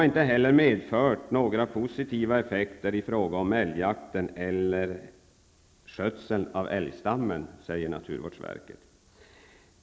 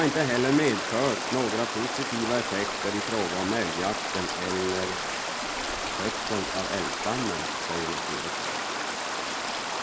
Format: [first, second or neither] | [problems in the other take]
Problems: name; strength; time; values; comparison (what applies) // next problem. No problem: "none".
first | background sound (Stream); 1 dB below the speech